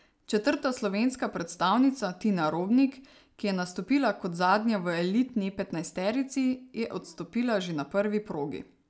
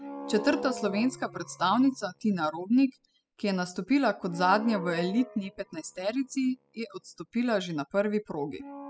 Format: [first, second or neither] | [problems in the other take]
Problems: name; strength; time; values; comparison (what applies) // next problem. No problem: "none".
first | noise reduction (classical method spectral subtraction)